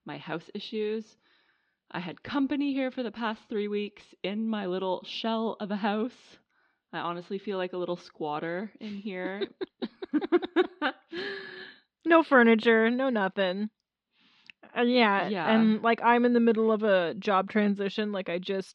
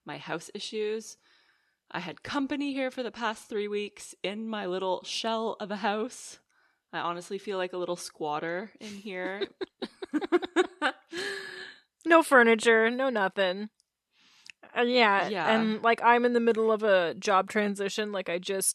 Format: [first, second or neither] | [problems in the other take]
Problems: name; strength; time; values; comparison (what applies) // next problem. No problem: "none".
second | muffled; very slightly; fading above 4 kHz